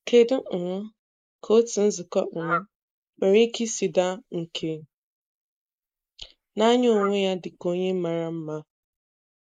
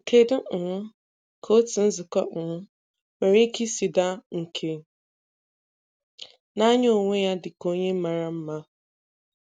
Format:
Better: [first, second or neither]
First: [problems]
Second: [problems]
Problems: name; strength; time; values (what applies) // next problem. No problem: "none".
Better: second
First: noise reduction (neural mask model Resemble Enhance denoiser)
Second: none